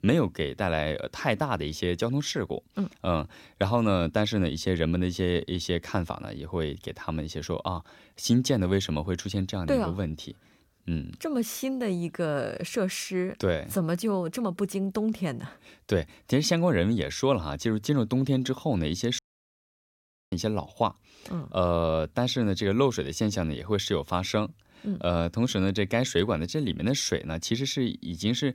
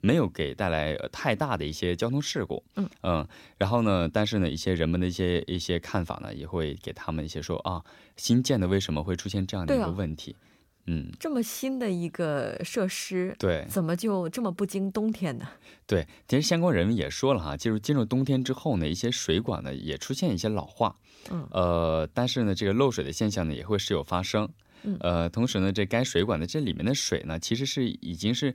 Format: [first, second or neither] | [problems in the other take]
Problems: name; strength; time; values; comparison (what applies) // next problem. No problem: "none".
second | audio cutting out; at 19 s for 1 s